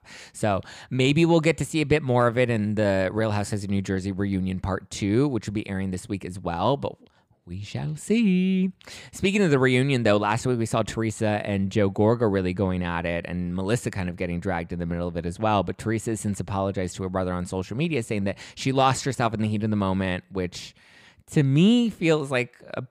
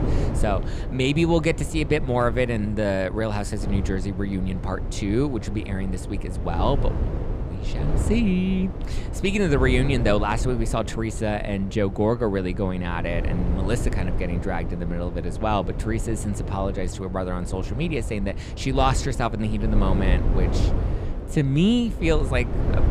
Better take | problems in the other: first | wind noise on the microphone; occasional gusts; 10 dB below the speech

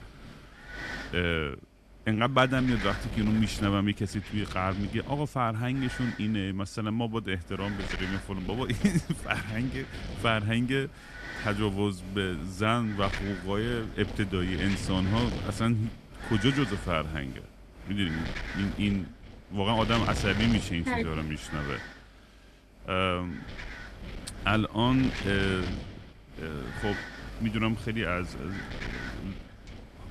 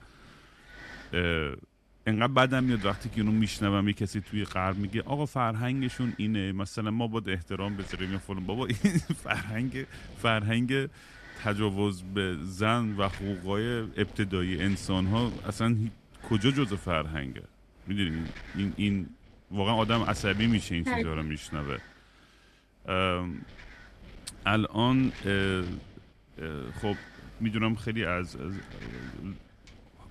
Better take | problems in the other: second | wind noise on the microphone; heavy; 8 dB below the speech; occasional gusts in the second

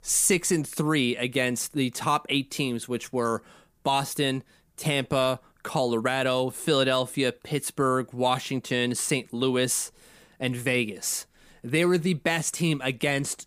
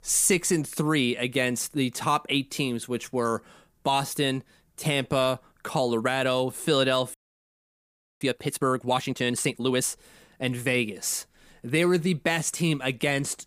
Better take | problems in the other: first | audio freezing; at 7 s for 1 s

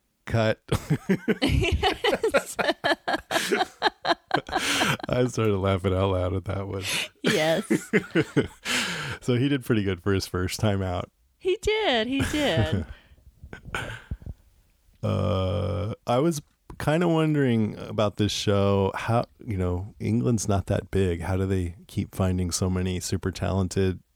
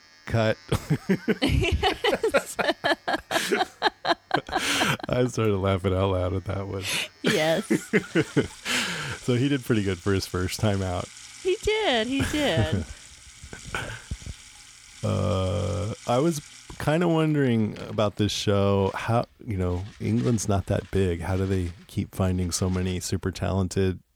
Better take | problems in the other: first | household noises; noticeable; throughout; 20 dB below the speech

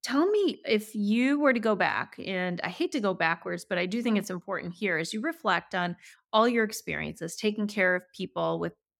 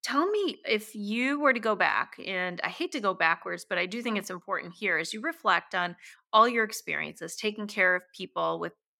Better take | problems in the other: first | thin; very slightly; fading below 750 Hz

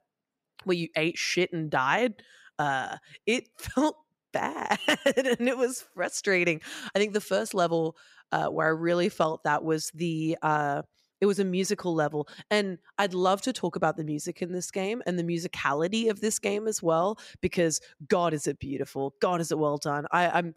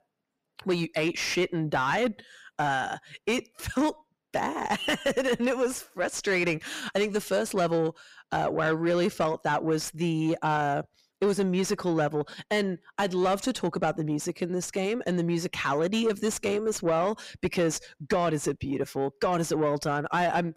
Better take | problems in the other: first | distortion; slight; 10 dB below the speech

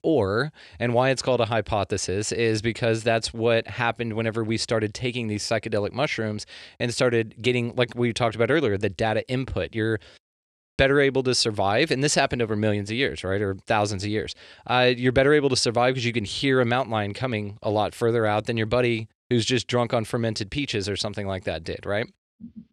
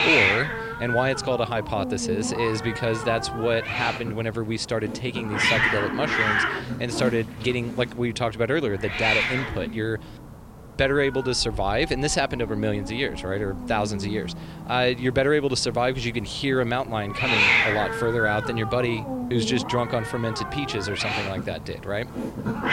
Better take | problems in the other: first | hiss; loud; throughout; 1 dB below the speech

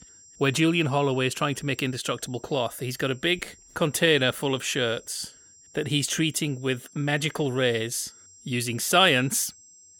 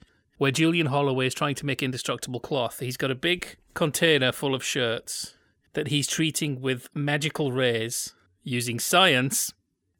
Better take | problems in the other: second | high-pitched whine; faint; throughout; 7.5 kHz, 25 dB below the speech

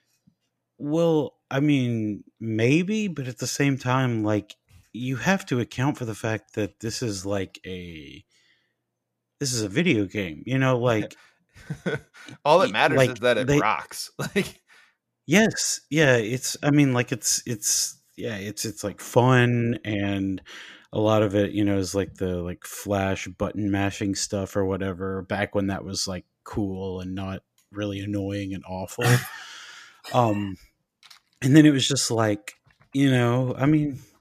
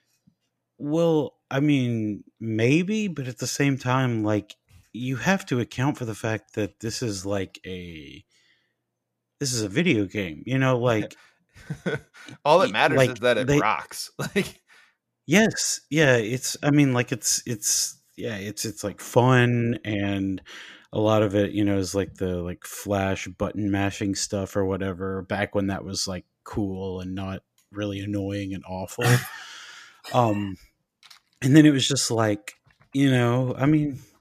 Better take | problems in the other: neither | none

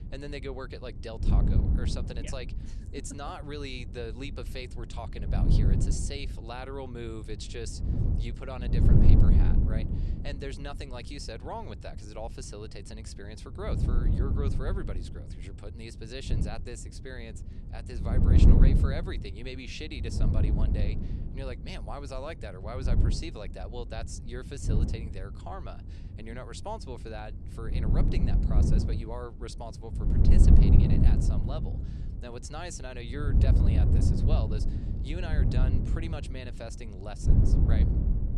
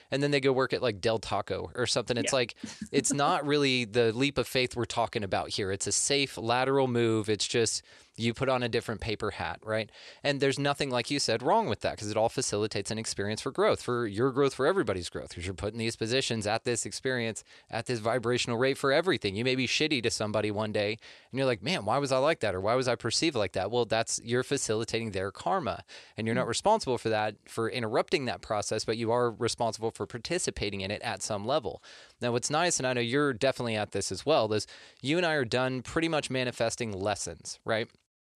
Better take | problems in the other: second | wind noise on the microphone; heavy; 1 dB above the speech

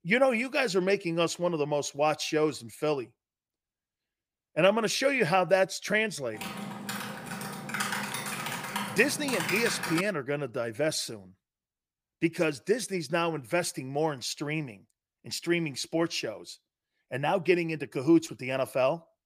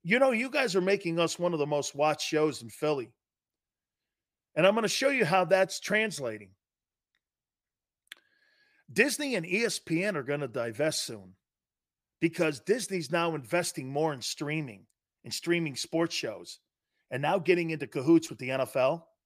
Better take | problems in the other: second | keyboard typing; noticeable; from 6.5 to 10 s; peak 2 dB below the speech

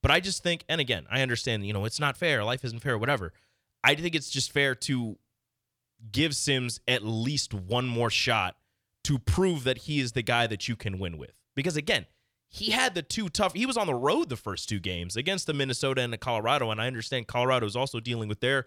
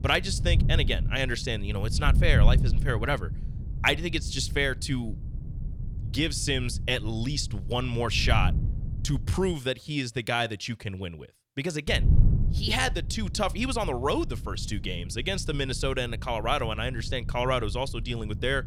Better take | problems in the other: first | wind noise on the microphone; occasional gusts; until 9.5 s and from 12 s on; 15 dB below the speech

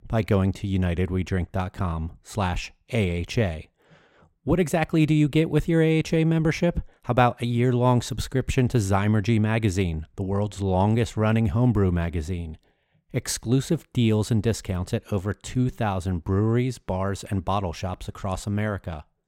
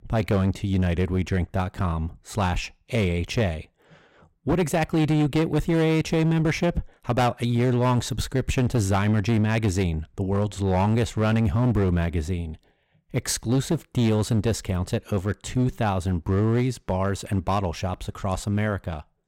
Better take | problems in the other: first | distortion; slight; 9% of the sound clipped

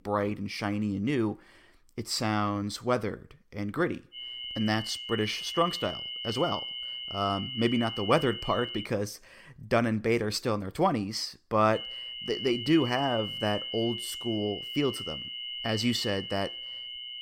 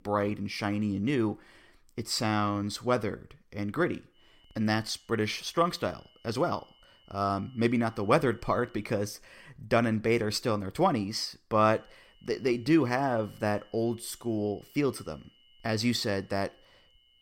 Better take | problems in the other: second | high-pitched whine; loud; from 4 to 9 s and from 12 s on; 3 kHz, 6 dB below the speech; faint in the second

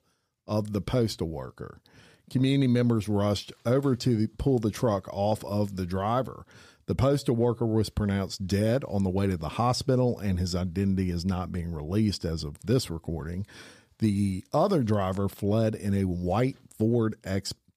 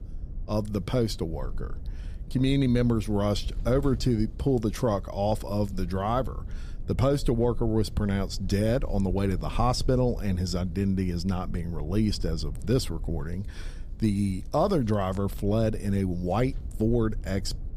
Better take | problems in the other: first | low rumble; faint; throughout; 25 dB below the speech

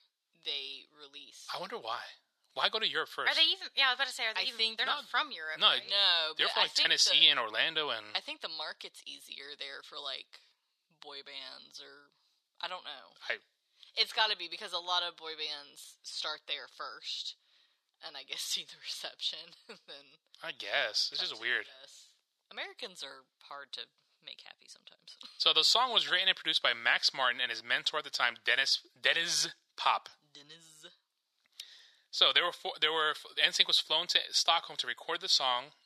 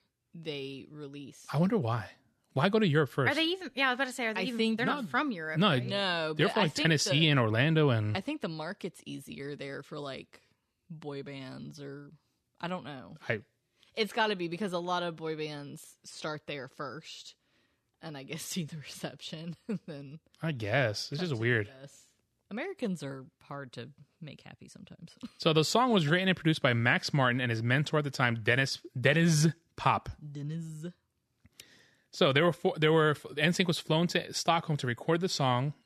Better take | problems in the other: second | thin; very; fading below 850 Hz

